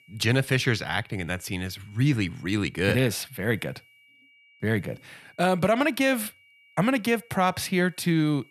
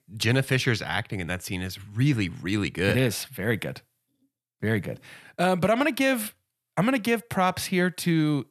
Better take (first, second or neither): second